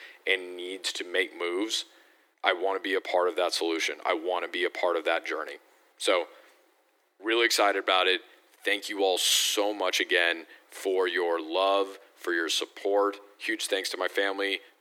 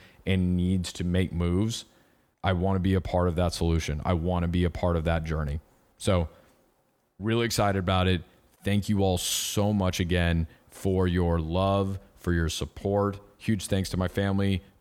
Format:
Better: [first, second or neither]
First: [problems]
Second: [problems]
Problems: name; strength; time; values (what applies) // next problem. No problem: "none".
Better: second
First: thin; very; fading below 300 Hz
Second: none